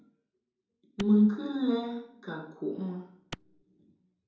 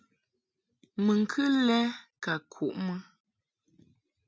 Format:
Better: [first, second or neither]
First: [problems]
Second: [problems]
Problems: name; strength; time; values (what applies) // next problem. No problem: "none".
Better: second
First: background sound (Clapping); 13 dB below the speech // room echo; dies away in 2.7 s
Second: none